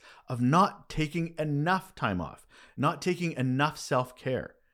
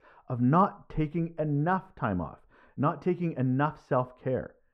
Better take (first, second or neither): first